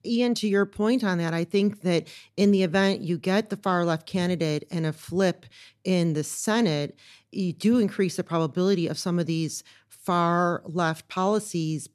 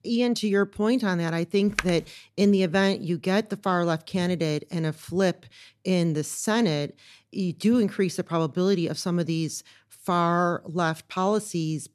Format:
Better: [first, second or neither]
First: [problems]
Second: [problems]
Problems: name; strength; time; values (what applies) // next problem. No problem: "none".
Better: first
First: none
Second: keyboard typing; noticeable; at 2 s; peak 5 dB below the speech